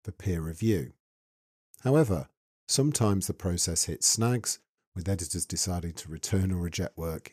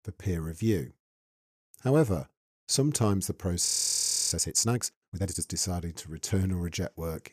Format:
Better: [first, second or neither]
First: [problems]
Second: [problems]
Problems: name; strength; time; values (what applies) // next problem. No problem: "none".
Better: first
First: none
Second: audio freezing; at 3.5 s for 0.5 s